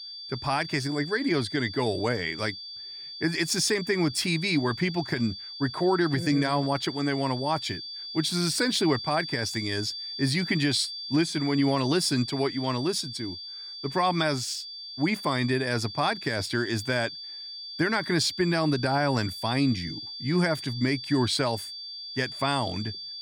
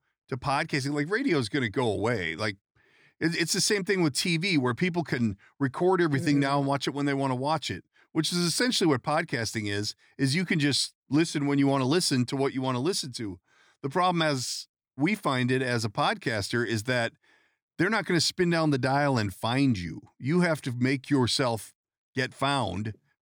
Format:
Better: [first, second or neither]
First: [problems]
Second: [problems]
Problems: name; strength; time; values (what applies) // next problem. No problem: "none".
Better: second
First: high-pitched whine; loud; throughout; 4.5 kHz, 9 dB below the speech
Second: none